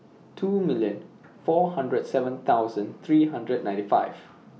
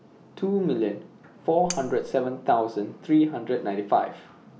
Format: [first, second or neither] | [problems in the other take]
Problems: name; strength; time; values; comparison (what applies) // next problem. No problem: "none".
first | background sound (Cutlery, silverware); 11 dB below the speech